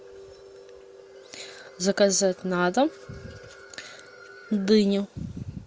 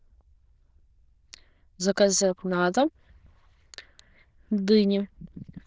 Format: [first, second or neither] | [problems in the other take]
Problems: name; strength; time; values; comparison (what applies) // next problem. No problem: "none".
first | noise reduction (neural diffusion model UNIVERSE++)